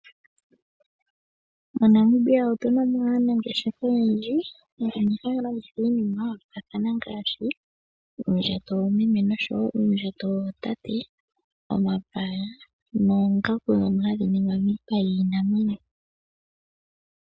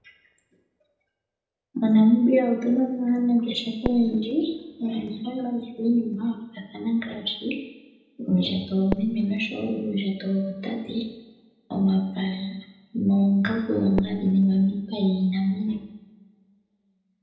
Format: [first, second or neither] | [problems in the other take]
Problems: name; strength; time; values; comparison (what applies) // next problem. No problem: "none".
first | background sound (Fireworks); 18 dB below the speech // room echo; dies away in 0.8 s